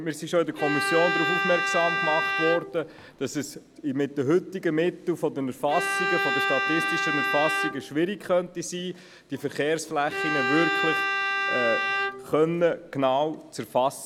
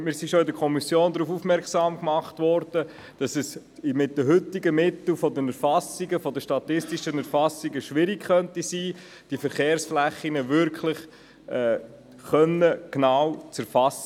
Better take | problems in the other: second | background sound (Bowed string instrument); 1 dB below the speech

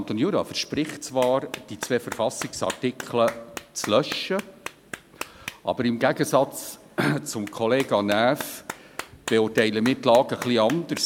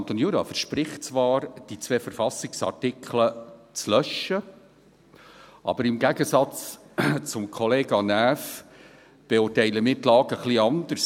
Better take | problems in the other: second | background sound (Clapping); 15 dB below the speech

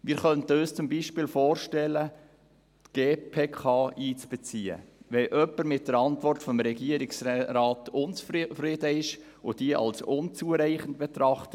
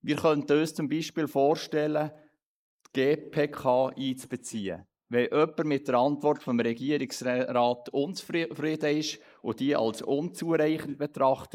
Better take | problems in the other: first | noise reduction (neural mask model Resemble Enhance denoiser)

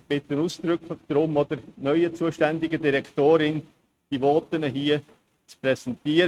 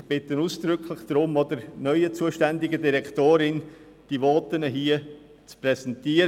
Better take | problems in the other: second | noise reduction (neural mask model RNNoise)

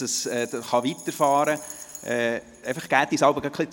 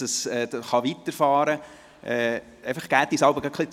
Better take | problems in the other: second | background sound (Rattle); 19 dB below the speech

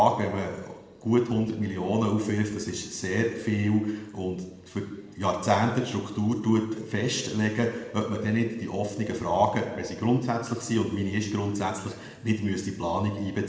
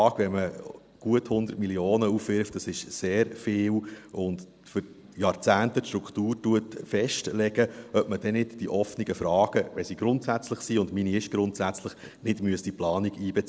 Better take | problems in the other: second | room echo; dies away in 1 s

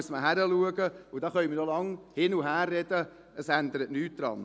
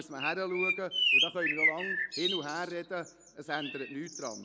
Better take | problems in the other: first | background sound (Bird); 4 dB above the speech

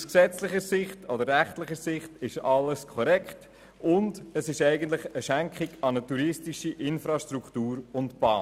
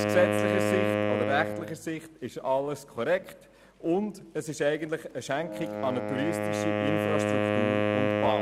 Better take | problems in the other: first | background sound (Wind instrument, woodwind instrument); 1 dB above the speech

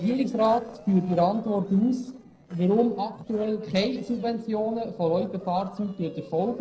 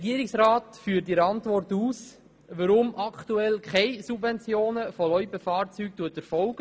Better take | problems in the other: second | noise reduction (neural separator model SepFormer DNS4)

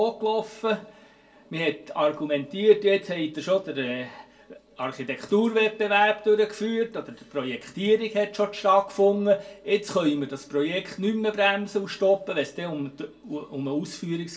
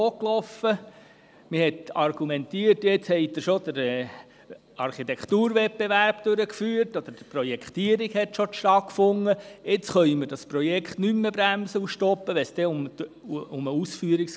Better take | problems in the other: second | room echo; dies away in 0.2 s

